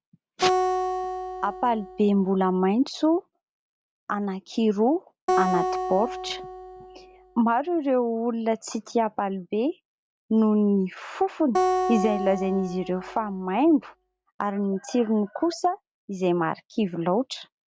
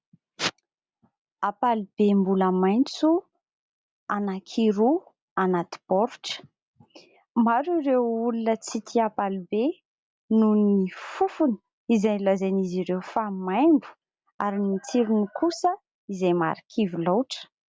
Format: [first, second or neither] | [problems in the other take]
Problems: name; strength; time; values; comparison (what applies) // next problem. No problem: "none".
second | background sound (Acoustic guitar); 4 dB below the speech